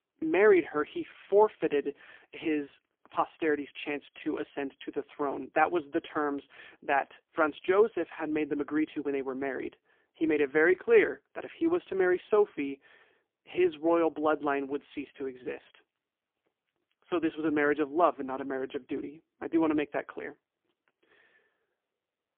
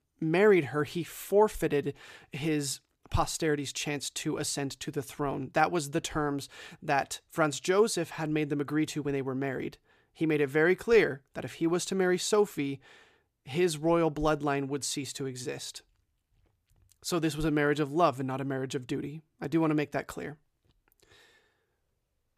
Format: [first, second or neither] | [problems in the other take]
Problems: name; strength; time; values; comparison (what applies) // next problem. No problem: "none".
second | phone-call audio; poor line; nothing above 3.5 kHz